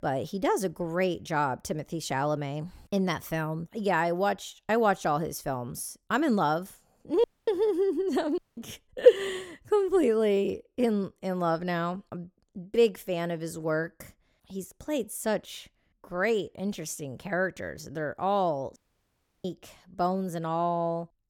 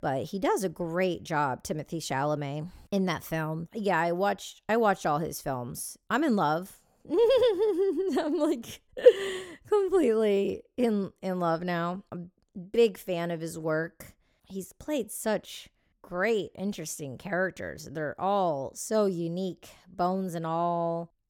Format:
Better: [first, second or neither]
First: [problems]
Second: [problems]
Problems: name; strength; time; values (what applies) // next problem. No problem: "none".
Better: second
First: audio cutting out; at 7 s, at 8.5 s and at 19 s for 0.5 s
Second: none